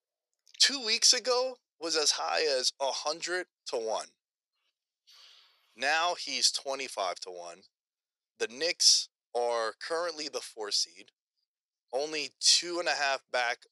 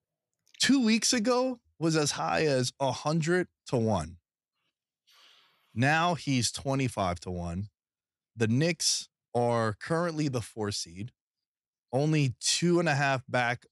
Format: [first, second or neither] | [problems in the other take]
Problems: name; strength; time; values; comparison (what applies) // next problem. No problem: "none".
second | thin; very; fading below 450 Hz